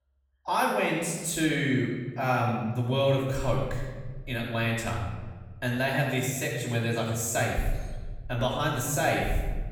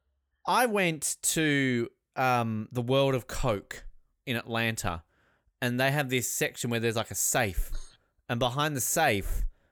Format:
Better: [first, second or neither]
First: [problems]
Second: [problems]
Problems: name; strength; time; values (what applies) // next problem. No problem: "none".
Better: second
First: off-mic speech; far // room echo; noticeable; dies away in 1.7 s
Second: none